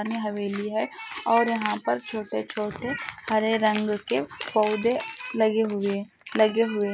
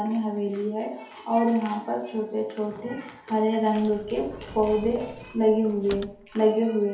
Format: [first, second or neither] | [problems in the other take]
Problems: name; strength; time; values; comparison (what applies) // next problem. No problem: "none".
first | background sound (Sliding door / Slam / Wood); 18 dB below the speech // room echo; dies away in 2.2 s